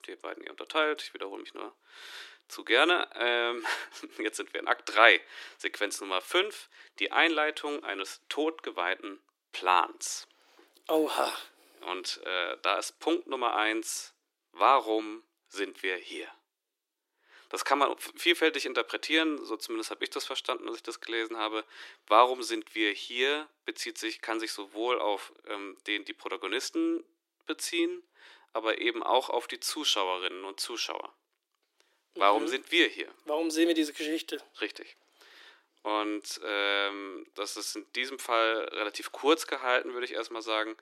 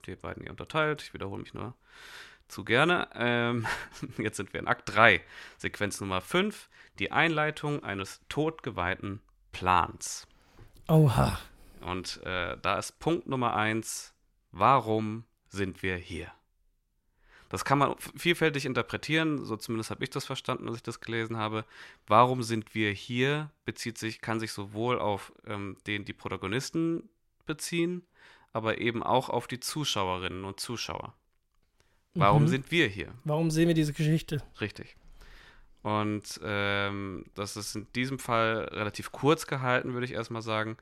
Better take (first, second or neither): second